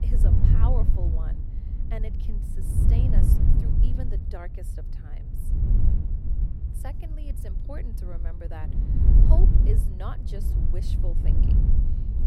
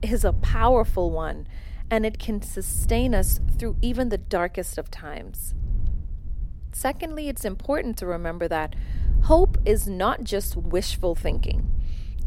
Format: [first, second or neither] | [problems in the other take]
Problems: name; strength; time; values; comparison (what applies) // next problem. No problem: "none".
second | wind noise on the microphone; heavy; 1 dB above the speech; occasional gusts in the second